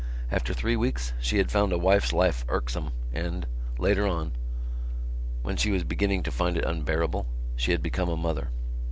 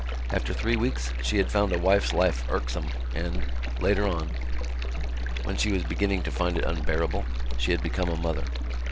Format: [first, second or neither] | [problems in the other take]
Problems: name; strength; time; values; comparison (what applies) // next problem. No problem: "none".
first | background sound (Stream); 7 dB below the speech